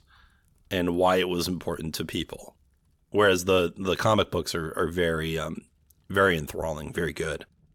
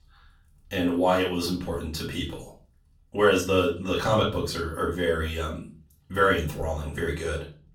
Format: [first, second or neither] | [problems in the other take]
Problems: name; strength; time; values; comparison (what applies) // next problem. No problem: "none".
first | off-mic speech; far // room echo; slight; dies away in 0.3 s